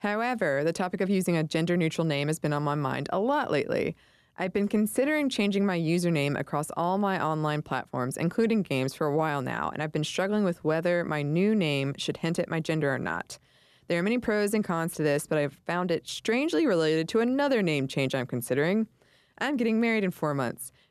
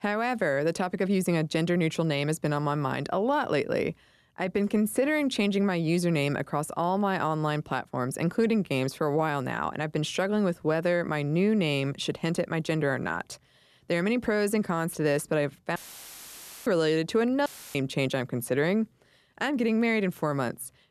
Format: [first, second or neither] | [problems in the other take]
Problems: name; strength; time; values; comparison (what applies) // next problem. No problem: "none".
first | audio cutting out; filled with static; at 16 s for 1 s and at 17 s